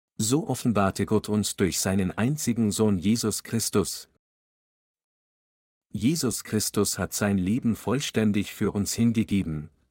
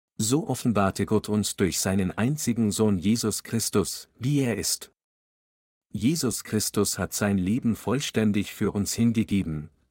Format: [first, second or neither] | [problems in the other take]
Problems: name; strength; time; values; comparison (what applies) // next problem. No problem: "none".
second | audio cutting out; at 4 s for 1 s